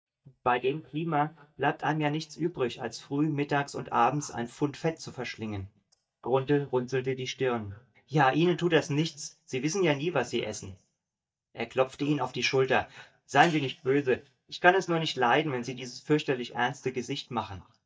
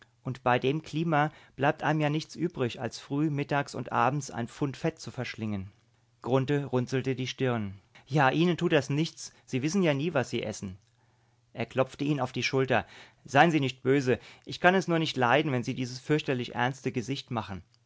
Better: second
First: noise reduction (neural mask model DeepFilterNet 3)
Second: none

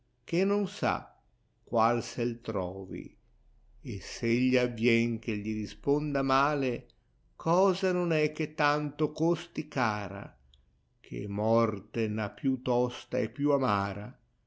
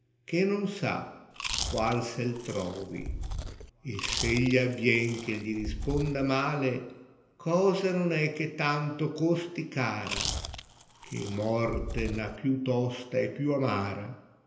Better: first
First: none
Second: background sound (Chewing, mastication); 7 dB below the speech // room echo; dies away in 1.4 s

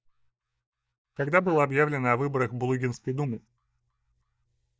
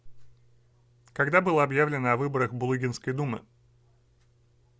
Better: second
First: noise reduction (neural mask model DeepFilterNet 3)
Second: none

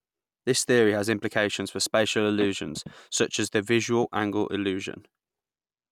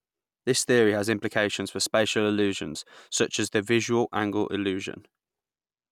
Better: second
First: background sound (Telephone); 17 dB below the speech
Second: none

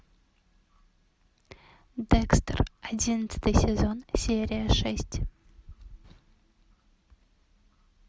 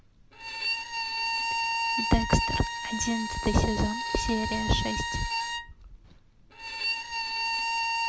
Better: first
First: none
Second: background sound (Bowed string instrument); as loud as the speech

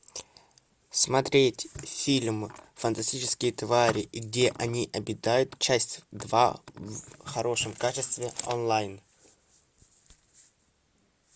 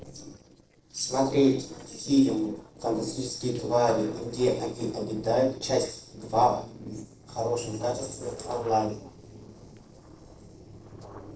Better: first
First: none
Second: noise reduction (neural separator model SepFormer DNS4)

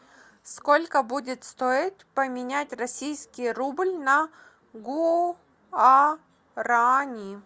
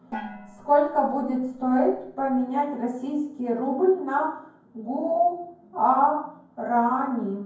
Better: first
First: none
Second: background sound (Gong); 17 dB below the speech // room echo; dies away in 0.9 s

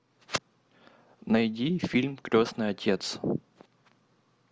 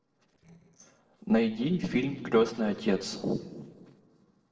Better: first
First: none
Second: noise reduction (neural separator model SepFormer DNS4)

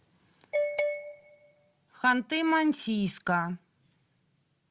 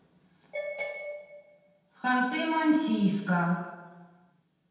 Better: first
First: none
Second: room echo; dies away in 1.1 s

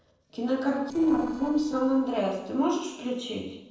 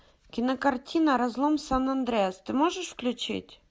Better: second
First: noise reduction (neural separator model SepFormer DNS4)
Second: none

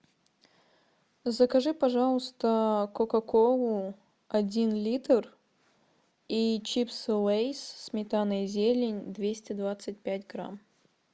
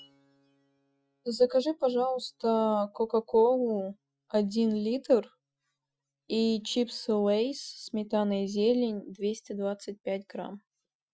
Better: first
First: none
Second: noise reduction (classical method Wiener filter)

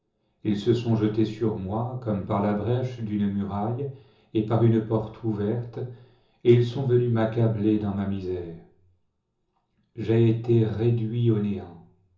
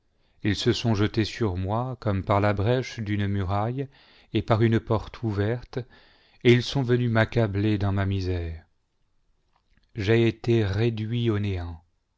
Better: second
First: room echo; dies away in 0.6 s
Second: none

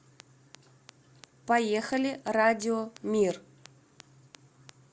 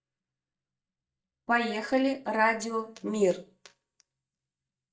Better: first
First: none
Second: noise reduction (neural mask model DeepFilterNet 3)

